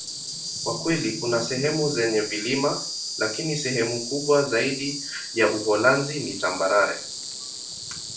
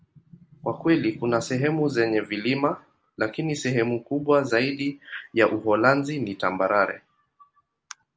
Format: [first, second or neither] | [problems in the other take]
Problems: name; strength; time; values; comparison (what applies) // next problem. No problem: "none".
second | background sound (Insect); 8 dB below the speech // room echo; dies away in 0.4 s